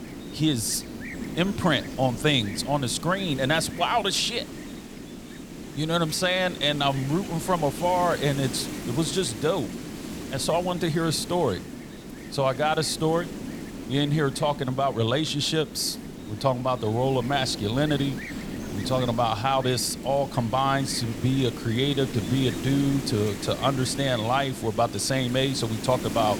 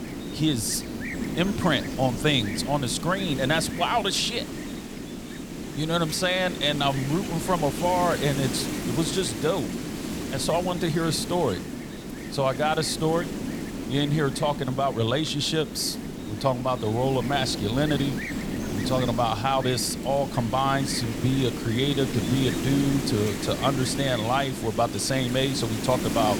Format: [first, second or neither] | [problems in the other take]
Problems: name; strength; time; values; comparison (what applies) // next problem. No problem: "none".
first | wind noise on the microphone; heavy; 9 dB below the speech; occasional gusts in the first